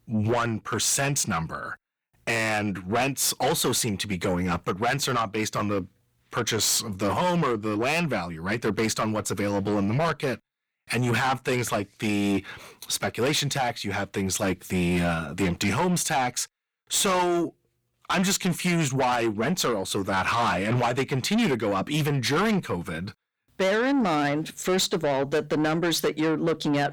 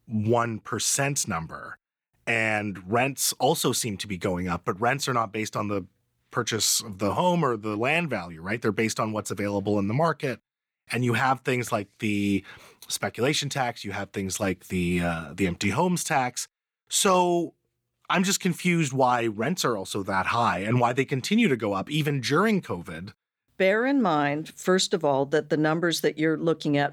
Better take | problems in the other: second | distortion; heavy; 8 dB below the speech

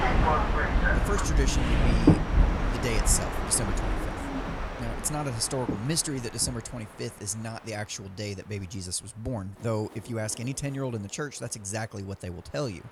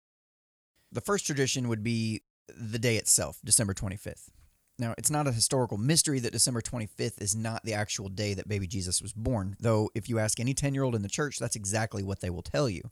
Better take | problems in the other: second | train or aircraft noise; very loud; throughout; 3 dB above the speech

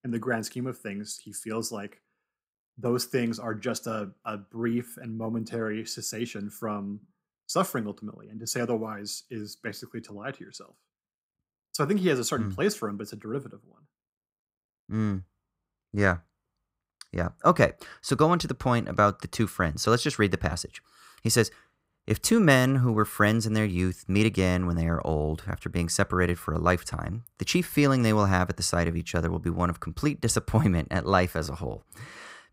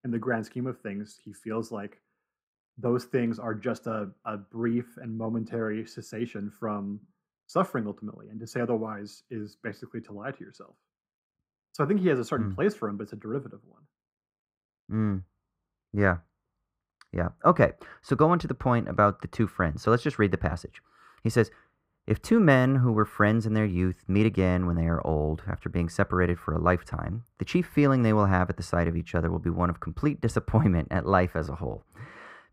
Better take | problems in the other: first | muffled; slightly; fading above 3 kHz

